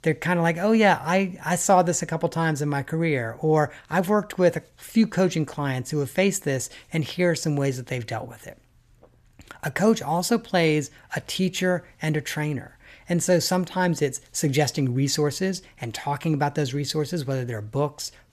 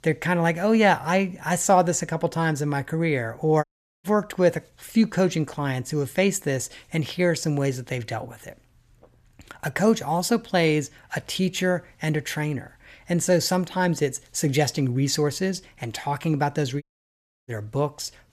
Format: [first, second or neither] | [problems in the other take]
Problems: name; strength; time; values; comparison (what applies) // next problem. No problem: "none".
first | audio cutting out; at 3.5 s and at 17 s for 0.5 s